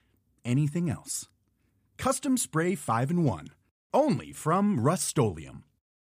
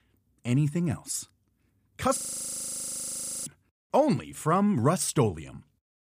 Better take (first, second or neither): first